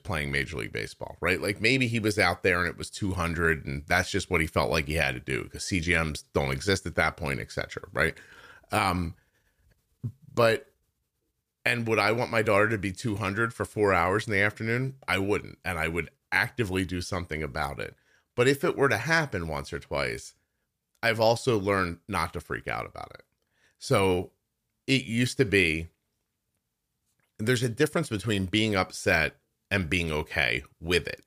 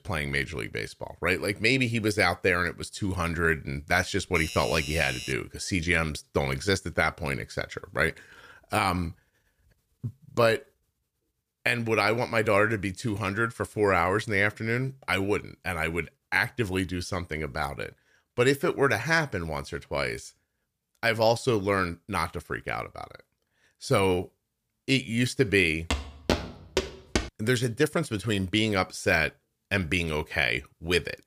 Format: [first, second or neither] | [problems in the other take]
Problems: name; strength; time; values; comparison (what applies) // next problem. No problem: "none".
first | doorbell; noticeable; from 4.5 to 5.5 s; peak 8 dB below the speech // footsteps; noticeable; from 26 to 27 s; peak 3 dB below the speech